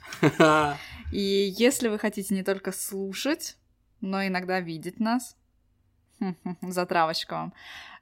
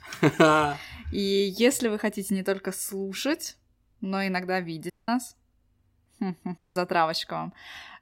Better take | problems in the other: first | audio cutting out; at 5 s and at 6.5 s

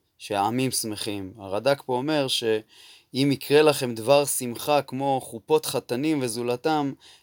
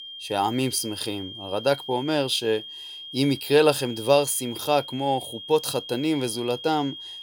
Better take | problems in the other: first | high-pitched whine; noticeable; throughout; 3 kHz, 10 dB below the speech

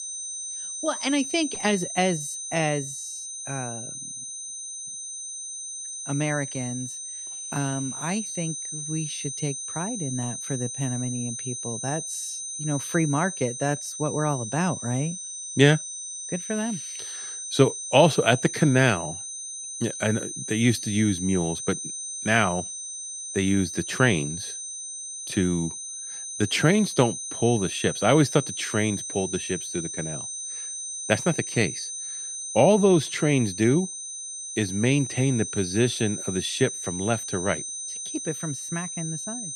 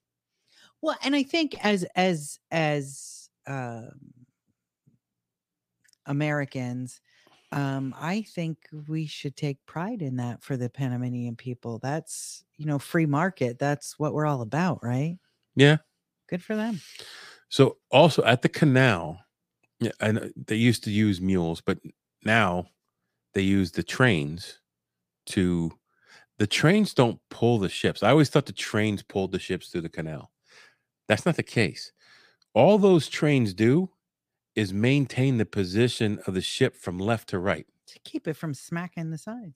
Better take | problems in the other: second | high-pitched whine; loud; throughout; 6 kHz, 6 dB below the speech

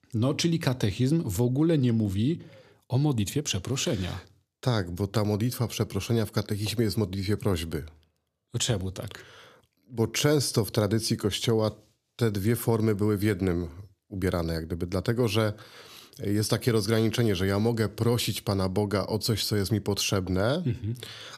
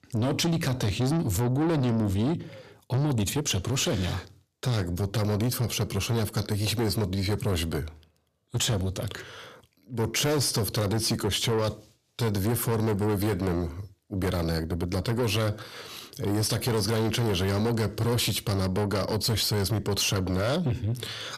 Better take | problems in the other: first | distortion; heavy; 6 dB below the speech

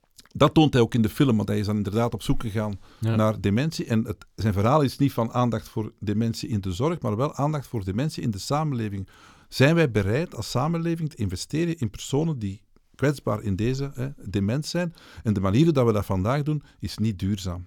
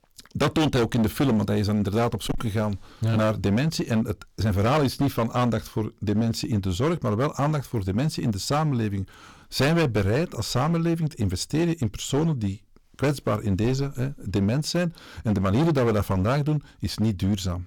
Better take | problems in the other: first | distortion; heavy; 13% of the sound clipped

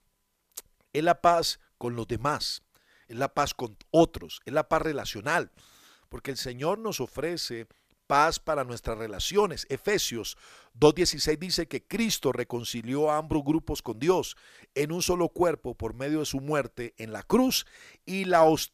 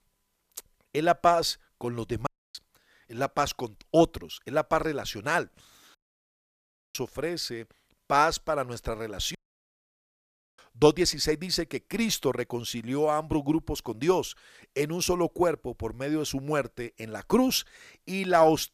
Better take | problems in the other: first | audio cutting out; at 2.5 s, at 6 s for 1 s and at 9.5 s for 1 s

